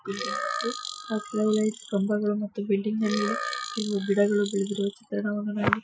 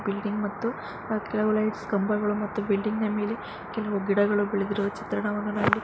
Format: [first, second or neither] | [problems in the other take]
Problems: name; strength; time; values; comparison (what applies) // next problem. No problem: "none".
second | noise reduction (classical method Wiener filter)